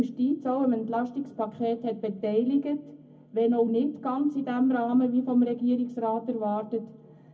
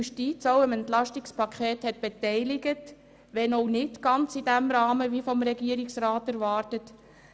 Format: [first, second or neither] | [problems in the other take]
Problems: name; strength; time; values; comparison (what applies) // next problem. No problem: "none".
second | room echo; dies away in 0.3 s